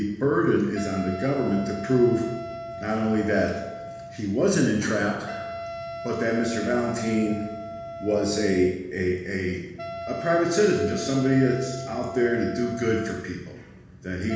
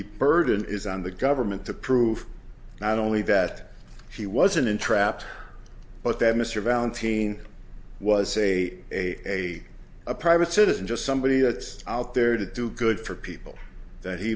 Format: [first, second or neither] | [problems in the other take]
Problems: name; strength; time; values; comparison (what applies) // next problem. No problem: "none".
second | background sound (Wind instrument, woodwind instrument); 12 dB below the speech // room echo; dies away in 1.1 s